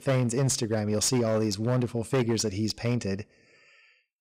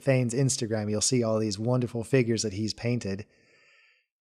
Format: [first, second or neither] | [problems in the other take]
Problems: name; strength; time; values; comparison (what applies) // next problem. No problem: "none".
second | distortion; slight; 10% of the sound clipped